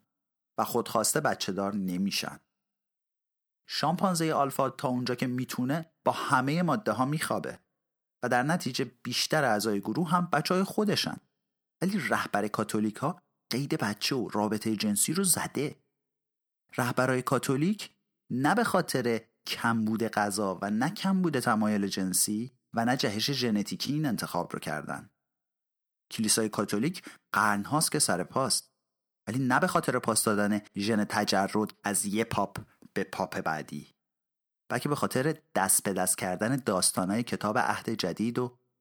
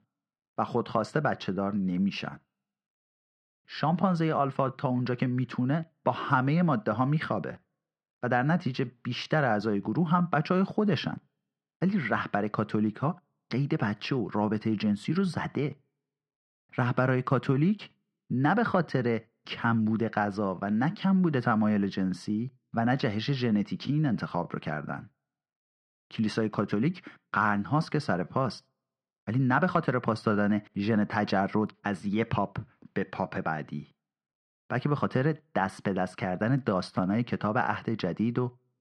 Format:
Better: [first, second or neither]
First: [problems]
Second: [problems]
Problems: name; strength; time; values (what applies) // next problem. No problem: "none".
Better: first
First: none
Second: muffled; slightly; fading above 3 kHz